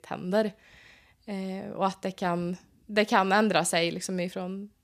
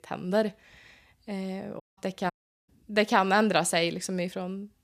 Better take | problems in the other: first | audio cutting out; at 2 s and at 2.5 s

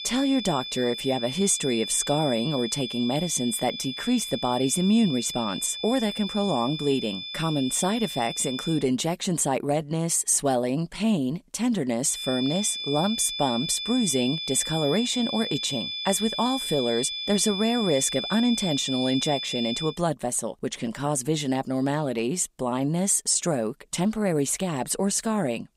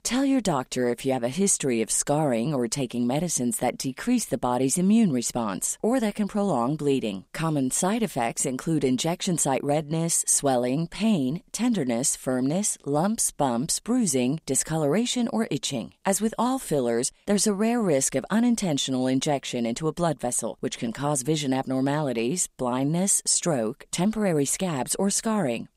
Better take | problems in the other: second | high-pitched whine; loud; until 9 s and from 12 to 20 s; 3.5 kHz, 6 dB below the speech

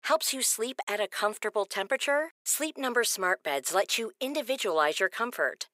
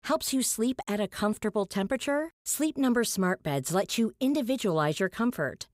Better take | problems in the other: second | thin; very; fading below 450 Hz

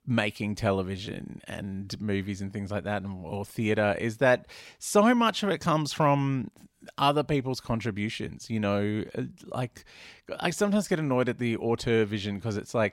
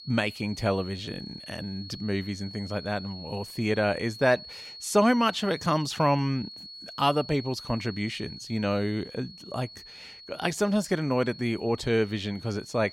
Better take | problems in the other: first | high-pitched whine; noticeable; throughout; 4.5 kHz, 15 dB below the speech

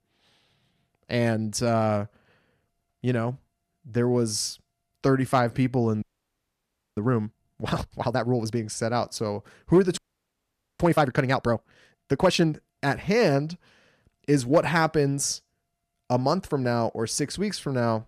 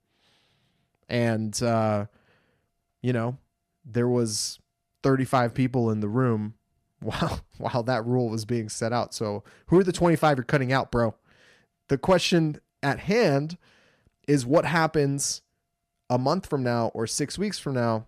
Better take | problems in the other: second | audio freezing; at 6 s for 1 s and at 10 s for 1 s

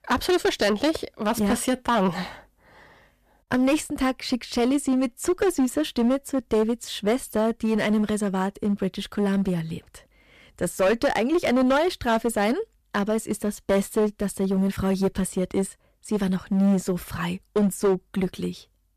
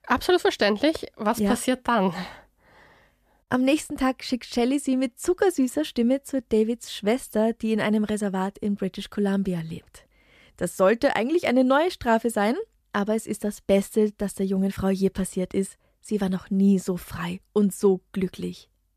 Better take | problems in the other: second | distortion; slight; 9% of the sound clipped

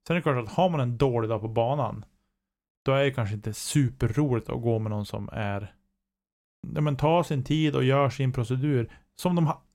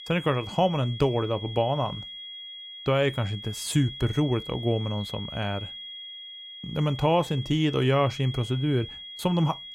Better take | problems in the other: first | high-pitched whine; noticeable; throughout; 3.5 kHz, 10 dB below the speech

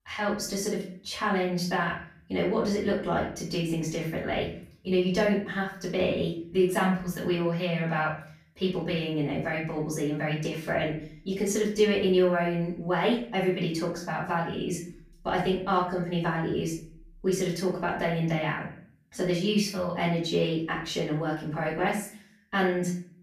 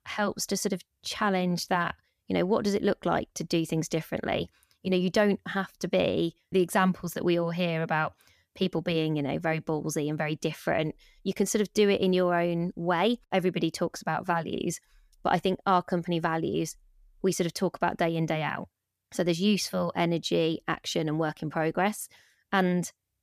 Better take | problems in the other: second | off-mic speech; far // room echo; noticeable; dies away in 0.5 s

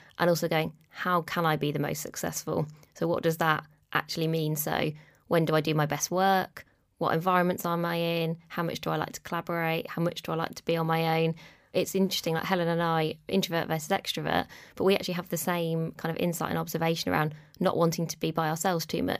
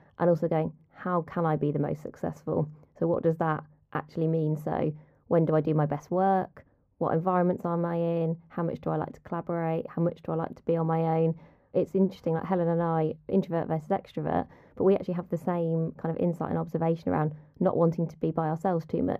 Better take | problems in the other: first | muffled; very; fading above 2 kHz

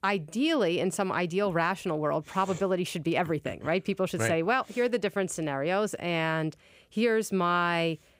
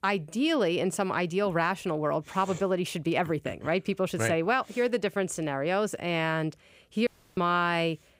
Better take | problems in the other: first | audio cutting out; at 7 s

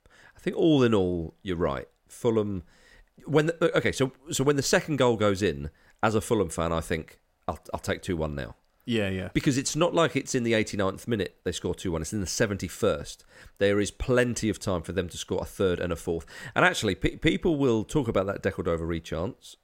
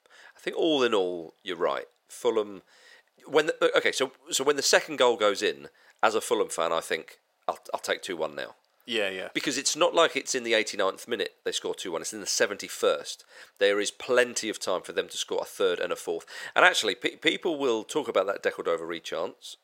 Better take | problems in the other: first | thin; somewhat; fading below 550 Hz

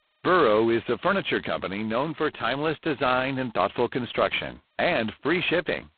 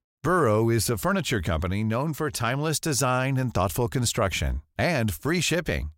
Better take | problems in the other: second | phone-call audio; poor line; nothing above 4 kHz

